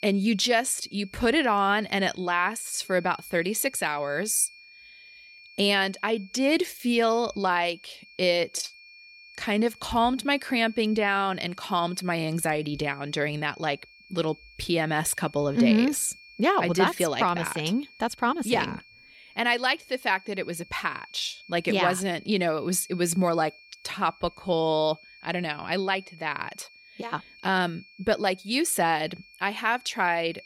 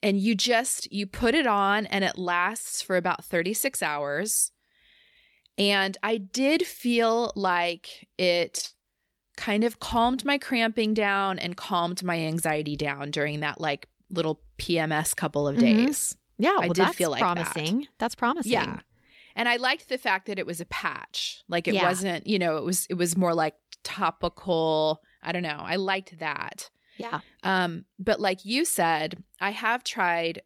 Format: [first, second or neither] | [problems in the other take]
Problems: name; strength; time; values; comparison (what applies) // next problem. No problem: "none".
second | high-pitched whine; faint; throughout; 2.5 kHz, 25 dB below the speech